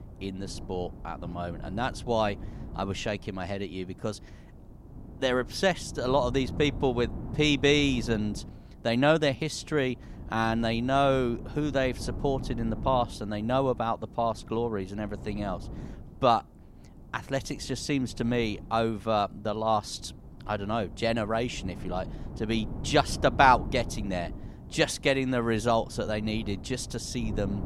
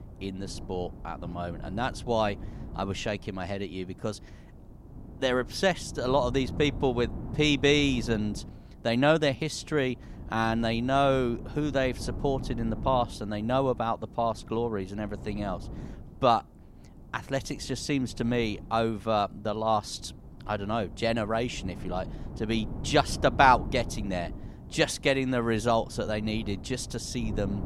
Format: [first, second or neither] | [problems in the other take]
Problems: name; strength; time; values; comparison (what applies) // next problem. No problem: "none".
neither | wind noise on the microphone; occasional gusts; 20 dB below the speech; the same in both